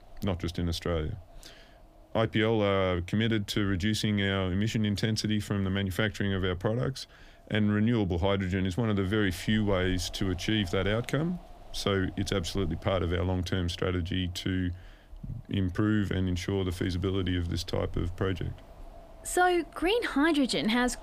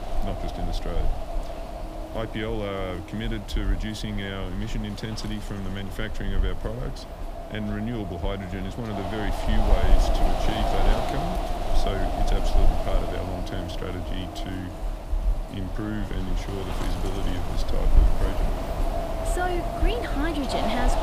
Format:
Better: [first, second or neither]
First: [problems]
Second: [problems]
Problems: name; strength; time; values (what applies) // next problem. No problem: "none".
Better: first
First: wind noise on the microphone; occasional gusts; 25 dB below the speech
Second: wind noise on the microphone; heavy; 2 dB above the speech